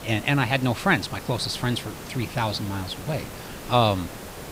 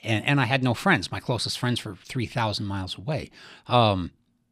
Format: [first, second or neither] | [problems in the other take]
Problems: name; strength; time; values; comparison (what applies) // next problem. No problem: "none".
second | hiss; noticeable; throughout; 15 dB below the speech